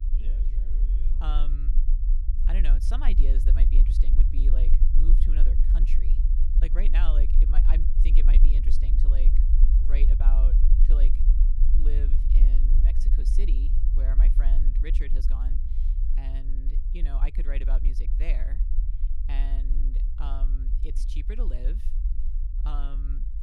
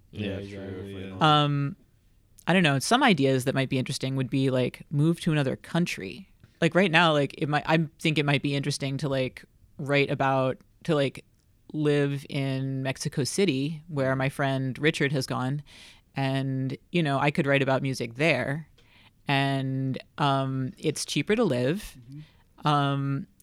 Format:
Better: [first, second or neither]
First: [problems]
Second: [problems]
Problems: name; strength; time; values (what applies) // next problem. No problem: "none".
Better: second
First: low rumble; loud; throughout; 4 dB below the speech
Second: none